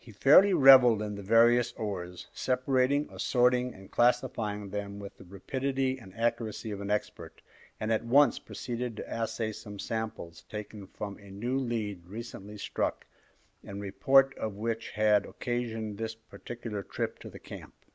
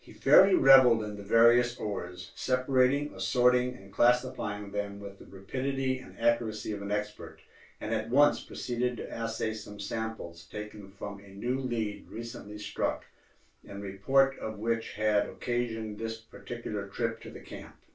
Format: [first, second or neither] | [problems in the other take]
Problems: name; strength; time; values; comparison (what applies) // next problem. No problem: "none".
first | room echo; dies away in 0.2 s